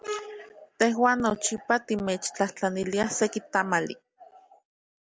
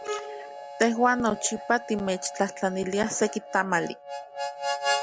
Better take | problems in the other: first | background sound (Harmonica); 7 dB below the speech

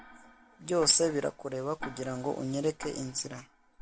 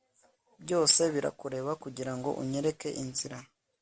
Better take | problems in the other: second | background sound (Tick-tock); 17 dB below the speech

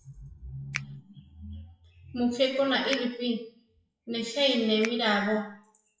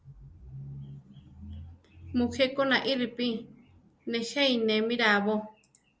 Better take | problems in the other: second | noise reduction (classical method WPE with log-MMSE)

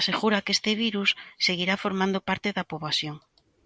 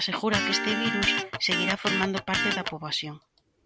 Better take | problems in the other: first | background sound (Electric guitar); 1 dB above the speech

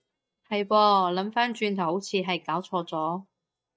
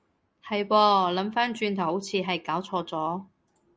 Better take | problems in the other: second | noise reduction (neural mask model DeepFilterNet 3)

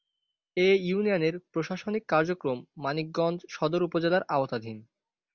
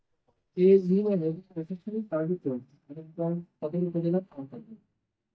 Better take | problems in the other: first | noise reduction (neural mask model DeepFilterNet 3)

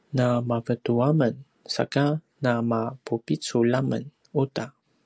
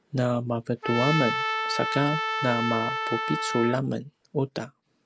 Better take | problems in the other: first | background sound (Trumpet); 2 dB below the speech

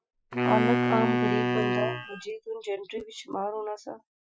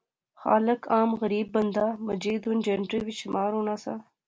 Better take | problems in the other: second | noise reduction (classical method Wiener filter)

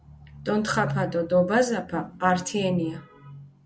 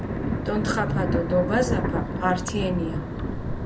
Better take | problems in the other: first | background sound (Thunder); as loud as the speech

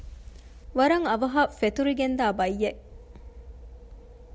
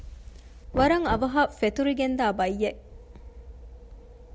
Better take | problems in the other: first | background sound (Knock); 12 dB below the speech

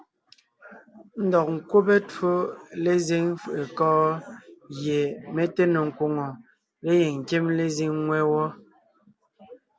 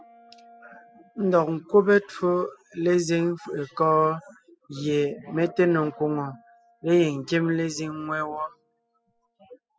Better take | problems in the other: first | noise reduction (classical method spectral subtraction)

